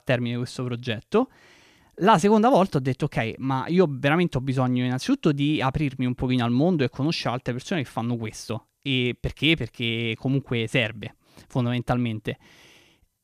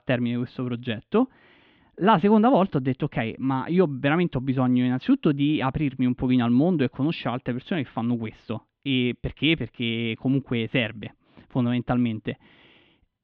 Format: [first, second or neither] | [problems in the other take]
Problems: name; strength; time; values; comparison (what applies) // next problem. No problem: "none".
first | muffled; very; fading above 3.5 kHz